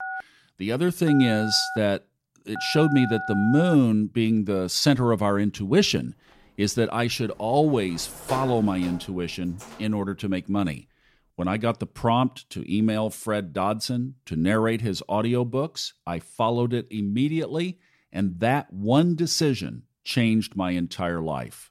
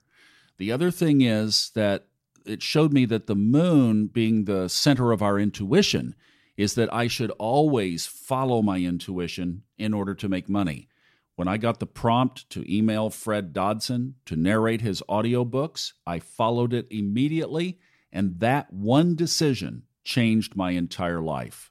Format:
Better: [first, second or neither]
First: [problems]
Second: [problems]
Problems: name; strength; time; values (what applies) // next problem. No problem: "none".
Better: second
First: phone ringing; noticeable; until 4 s; peak 7 dB below the speech // door banging; noticeable; from 7.5 to 10 s; peak 9 dB below the speech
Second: none